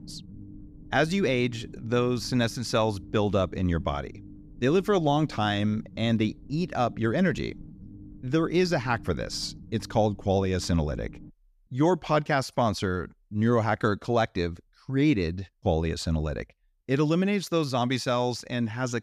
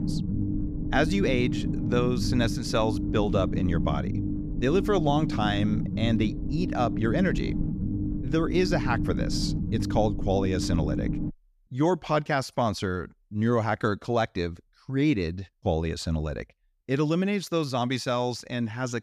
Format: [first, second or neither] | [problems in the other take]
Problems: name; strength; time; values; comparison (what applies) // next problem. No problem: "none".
first | low rumble; loud; until 11 s; 8 dB below the speech; faint in the first